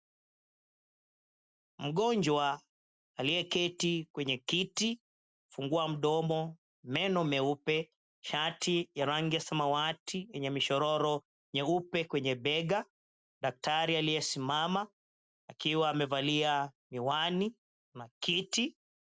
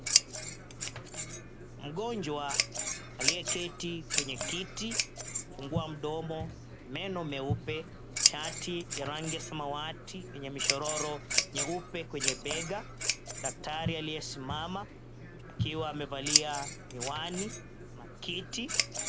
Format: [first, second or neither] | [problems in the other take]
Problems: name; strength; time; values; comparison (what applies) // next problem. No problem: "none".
first | background sound (Scissors); 3 dB above the speech